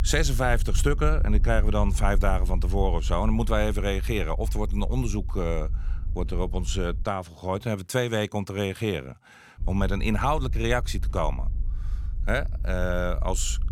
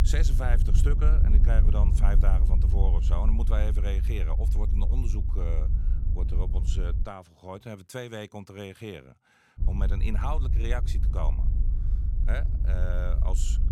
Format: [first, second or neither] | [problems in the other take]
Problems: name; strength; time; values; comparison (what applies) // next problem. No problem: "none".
first | low rumble; loud; until 7 s and from 9.5 s on; 7 dB below the speech; faint in the first